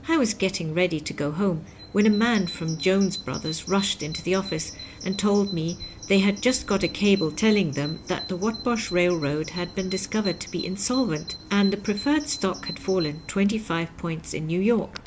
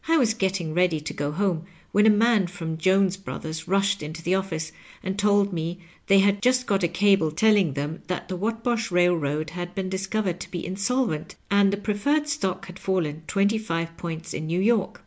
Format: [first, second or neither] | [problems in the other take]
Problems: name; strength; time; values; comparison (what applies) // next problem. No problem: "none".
second | background sound (Bird vocalization, bird call, bird song); 14 dB below the speech